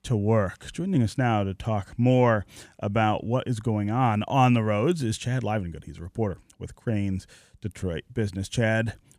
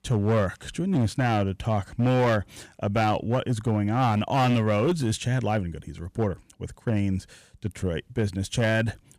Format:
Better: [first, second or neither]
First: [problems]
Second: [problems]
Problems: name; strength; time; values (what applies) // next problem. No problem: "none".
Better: first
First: none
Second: distortion; slight; 8% of the sound clipped